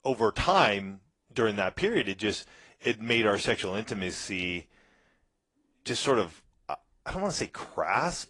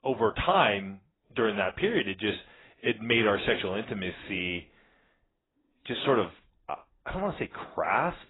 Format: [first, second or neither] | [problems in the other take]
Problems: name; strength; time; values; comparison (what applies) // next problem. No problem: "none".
first | garbled, watery; badly; nothing above 4 kHz; slightly in the first